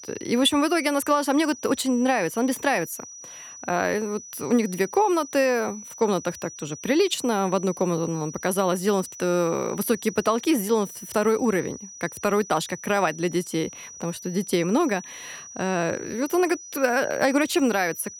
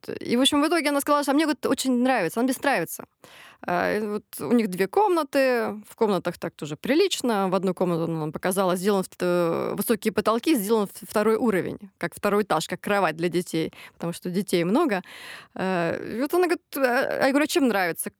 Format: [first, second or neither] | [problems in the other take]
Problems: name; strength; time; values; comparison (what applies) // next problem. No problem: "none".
second | high-pitched whine; noticeable; throughout; 6 kHz, 15 dB below the speech